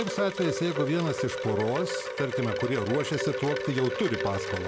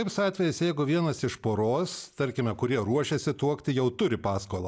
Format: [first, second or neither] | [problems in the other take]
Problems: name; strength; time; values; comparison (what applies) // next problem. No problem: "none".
second | background sound (Wind chime); 3 dB below the speech